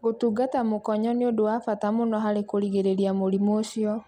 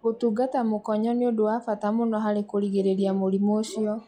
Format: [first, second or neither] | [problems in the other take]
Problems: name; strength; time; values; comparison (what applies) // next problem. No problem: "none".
first | noise reduction (classical method log-MMSE)